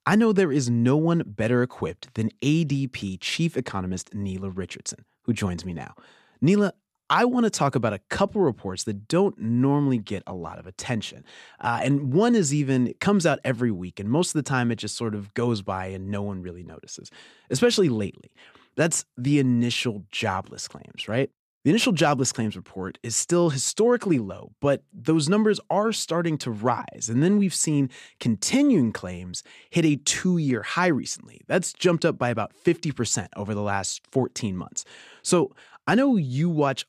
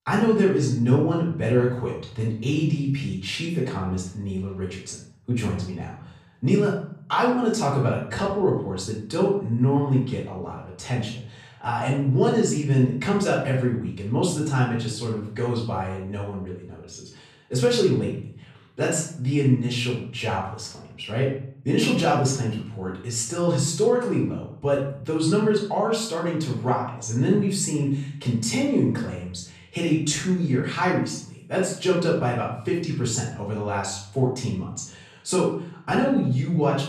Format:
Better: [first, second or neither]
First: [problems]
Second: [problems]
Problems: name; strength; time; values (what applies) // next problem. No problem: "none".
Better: first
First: none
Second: off-mic speech; far // room echo; noticeable; dies away in 0.6 s